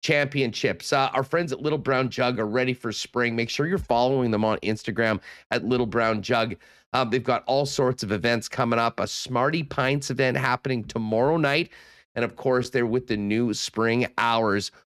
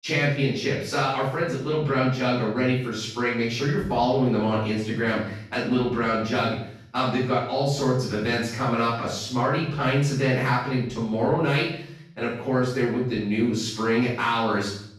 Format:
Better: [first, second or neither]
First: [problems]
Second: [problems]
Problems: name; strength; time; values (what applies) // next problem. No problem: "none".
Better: first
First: none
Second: off-mic speech; far // room echo; noticeable; dies away in 0.6 s